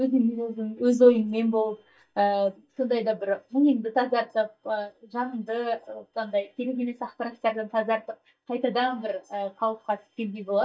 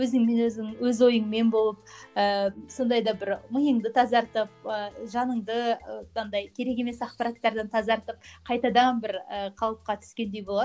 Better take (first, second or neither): second